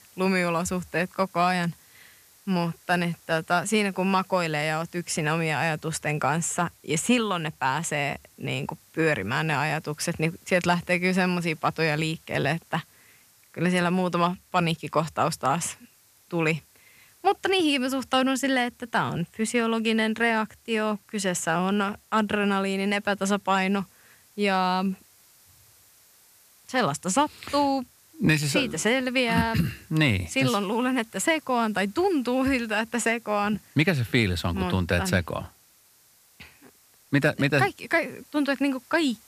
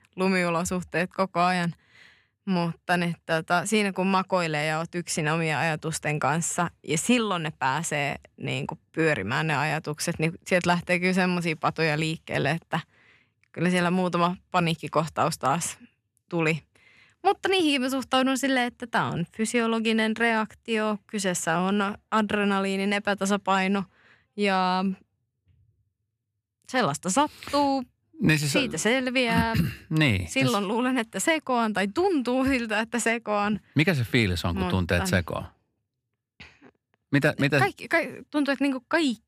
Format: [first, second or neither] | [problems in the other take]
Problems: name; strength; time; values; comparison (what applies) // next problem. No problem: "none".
second | hiss; faint; throughout; 30 dB below the speech